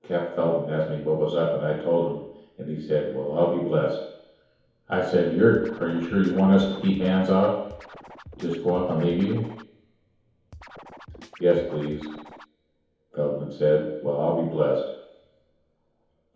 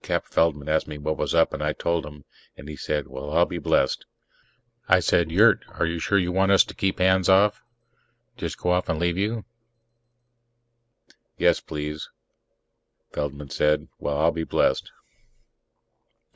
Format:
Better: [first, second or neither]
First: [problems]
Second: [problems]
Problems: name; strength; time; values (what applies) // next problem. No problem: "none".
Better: second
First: background sound (Scratching (performance technique)); 19 dB below the speech // room echo; dies away in 1 s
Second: none